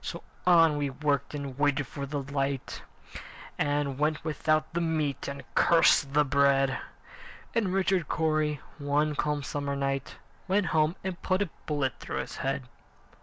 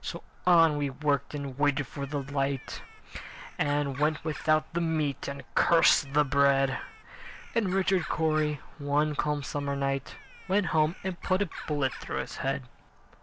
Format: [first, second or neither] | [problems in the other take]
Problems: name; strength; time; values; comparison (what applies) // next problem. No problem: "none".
first | background sound (Bird); 19 dB below the speech